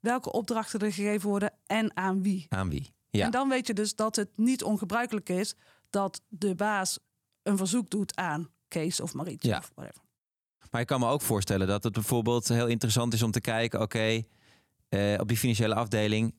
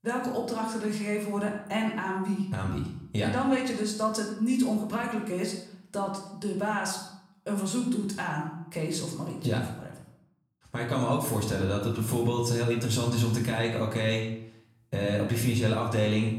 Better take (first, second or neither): first